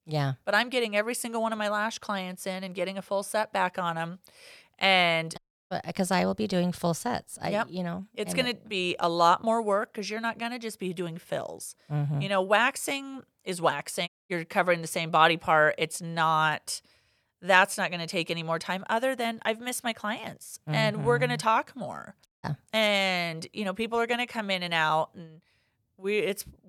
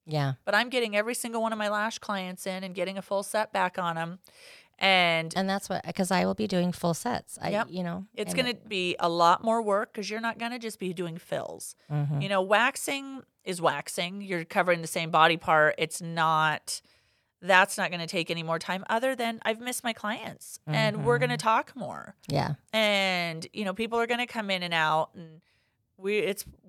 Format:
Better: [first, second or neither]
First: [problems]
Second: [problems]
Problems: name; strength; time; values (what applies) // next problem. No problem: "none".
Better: second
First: audio cutting out; at 5.5 s, at 14 s and at 22 s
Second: none